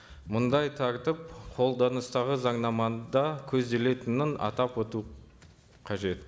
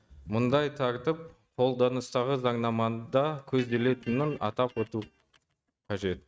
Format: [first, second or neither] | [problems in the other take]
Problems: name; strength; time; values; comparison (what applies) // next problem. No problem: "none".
first | noise reduction (neural mask model RNNoise)